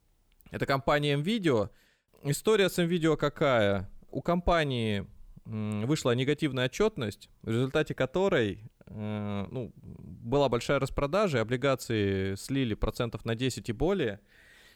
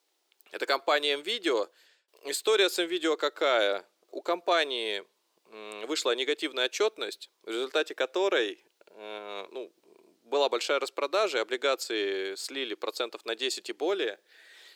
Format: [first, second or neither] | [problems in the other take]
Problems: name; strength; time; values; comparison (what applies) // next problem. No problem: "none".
first | thin; very; fading below 350 Hz